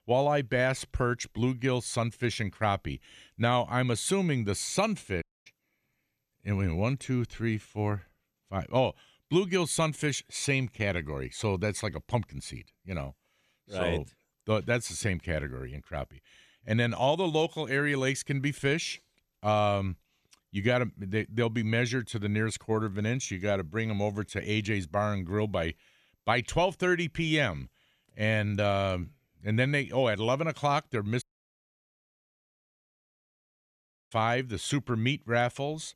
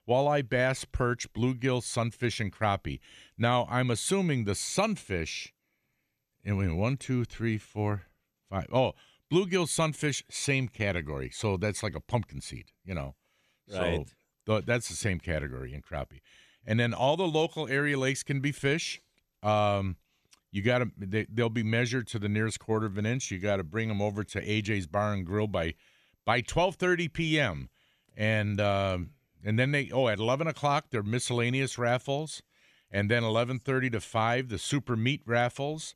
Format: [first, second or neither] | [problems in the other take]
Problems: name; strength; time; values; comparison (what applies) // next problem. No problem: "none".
second | audio cutting out; at 5 s and at 31 s for 3 s